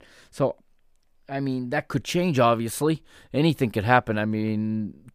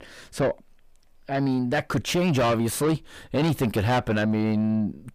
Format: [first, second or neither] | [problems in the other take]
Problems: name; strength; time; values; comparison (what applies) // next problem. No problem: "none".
first | distortion; heavy; 6 dB below the speech